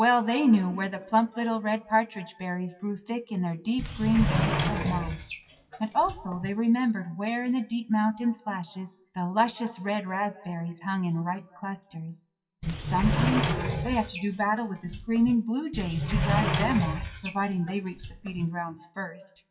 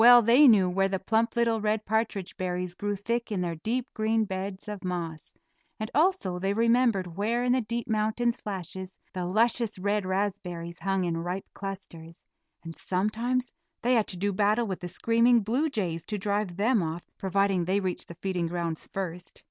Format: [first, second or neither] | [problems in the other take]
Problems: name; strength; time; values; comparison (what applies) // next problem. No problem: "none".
second | noise reduction (classical method WPE with log-MMSE)